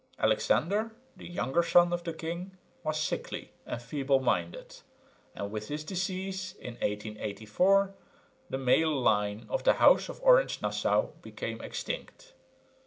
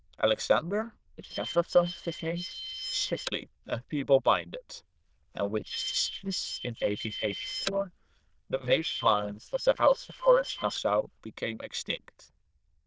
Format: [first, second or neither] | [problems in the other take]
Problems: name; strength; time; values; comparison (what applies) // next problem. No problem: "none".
first | noise reduction (neural diffusion model UNIVERSE++)